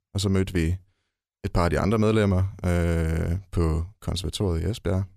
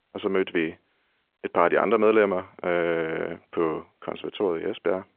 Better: first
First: none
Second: phone-call audio

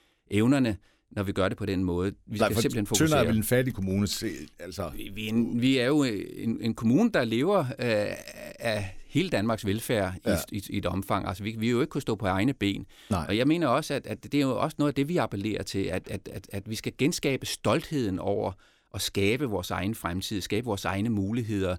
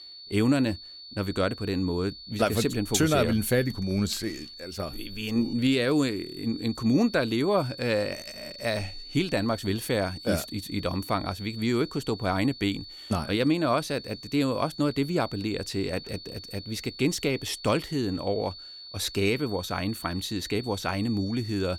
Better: first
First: none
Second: high-pitched whine; noticeable; throughout; 4.5 kHz, 15 dB below the speech

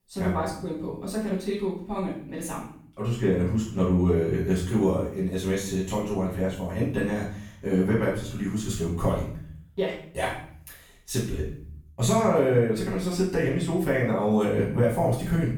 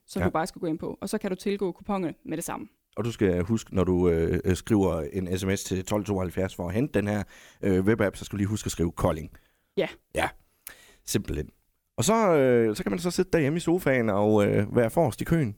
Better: second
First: off-mic speech; far // room echo; noticeable; dies away in 0.6 s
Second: none

